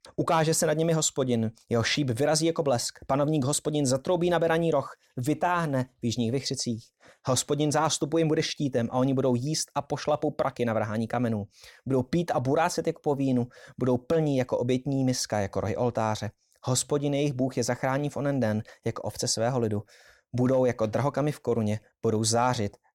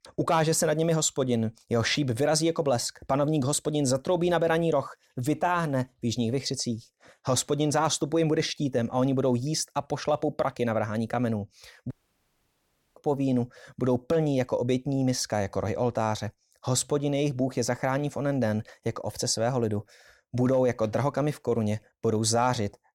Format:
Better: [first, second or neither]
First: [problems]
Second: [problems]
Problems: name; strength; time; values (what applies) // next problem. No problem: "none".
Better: first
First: none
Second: audio cutting out; at 12 s for 1 s